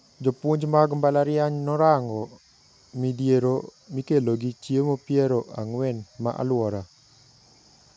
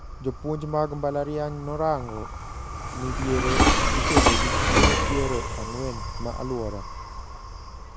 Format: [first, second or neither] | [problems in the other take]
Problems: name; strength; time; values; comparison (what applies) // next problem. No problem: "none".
first | background sound (Train); 4 dB above the speech